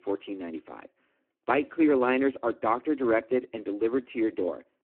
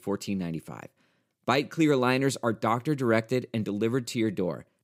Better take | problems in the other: second | phone-call audio; poor line

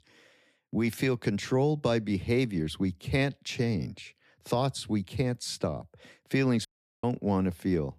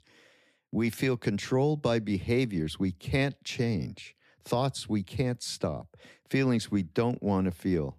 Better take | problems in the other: second | audio cutting out; at 6.5 s

